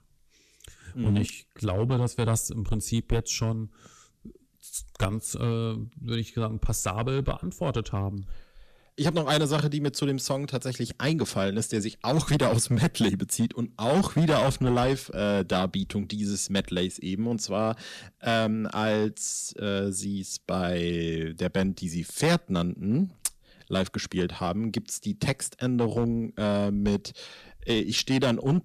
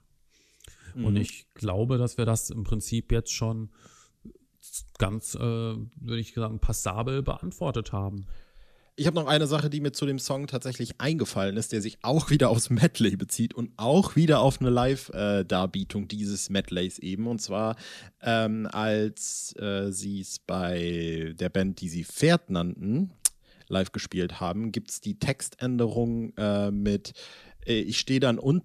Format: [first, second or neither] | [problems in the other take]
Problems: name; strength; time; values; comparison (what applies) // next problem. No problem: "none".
second | distortion; slight; 4% of the sound clipped